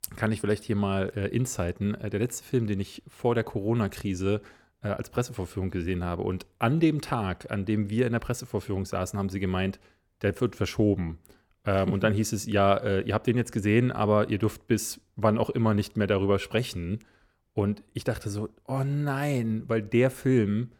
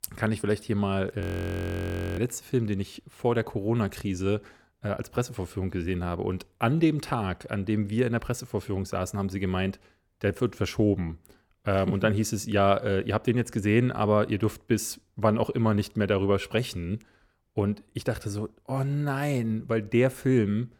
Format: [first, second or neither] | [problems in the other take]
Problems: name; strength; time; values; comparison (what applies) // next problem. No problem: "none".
first | audio freezing; at 1 s for 1 s